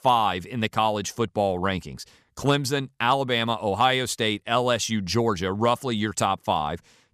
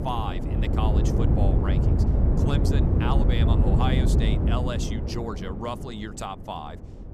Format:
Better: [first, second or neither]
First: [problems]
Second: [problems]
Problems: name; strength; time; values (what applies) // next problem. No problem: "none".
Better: first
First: none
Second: wind noise on the microphone; heavy; as loud as the speech